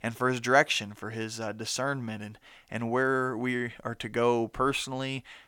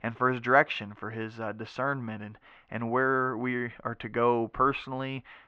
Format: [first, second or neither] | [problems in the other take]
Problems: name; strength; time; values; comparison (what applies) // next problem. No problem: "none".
first | muffled; very; fading above 2.5 kHz